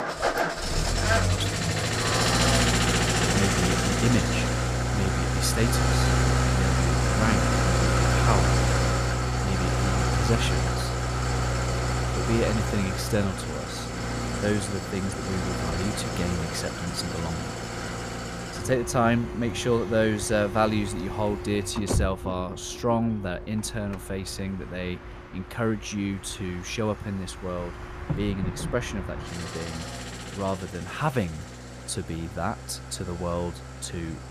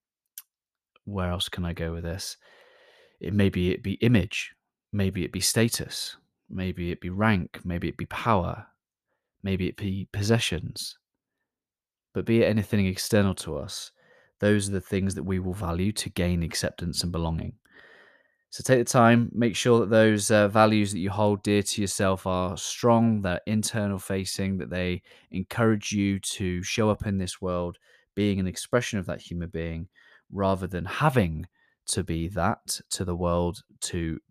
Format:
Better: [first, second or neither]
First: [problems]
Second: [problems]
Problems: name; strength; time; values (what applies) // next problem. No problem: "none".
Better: second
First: traffic noise; very loud; throughout; 3 dB above the speech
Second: none